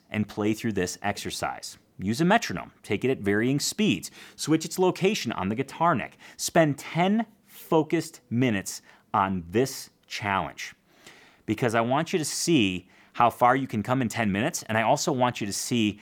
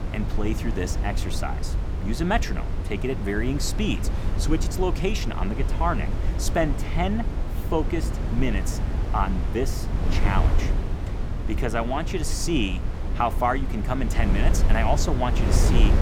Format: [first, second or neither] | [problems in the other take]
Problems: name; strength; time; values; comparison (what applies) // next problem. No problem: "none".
first | wind noise on the microphone; heavy; 8 dB below the speech